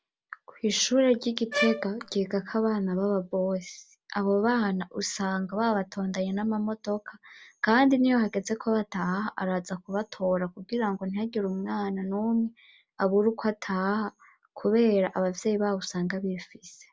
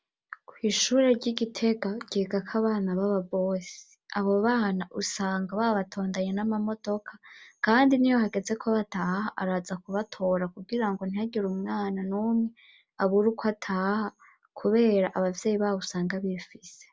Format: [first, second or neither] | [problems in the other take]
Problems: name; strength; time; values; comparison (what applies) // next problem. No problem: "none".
second | background sound (Bowed string instrument); 6 dB below the speech